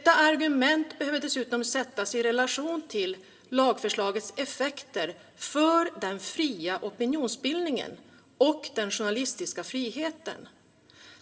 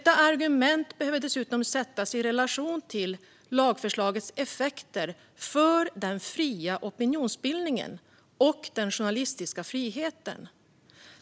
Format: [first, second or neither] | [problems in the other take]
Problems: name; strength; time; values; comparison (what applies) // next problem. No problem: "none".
second | room echo; dies away in 0.5 s